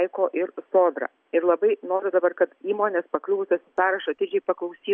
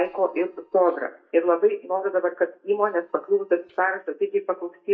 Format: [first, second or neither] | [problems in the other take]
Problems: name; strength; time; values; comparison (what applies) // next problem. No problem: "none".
first | noise reduction (neural mask model DeepFilterNet 3)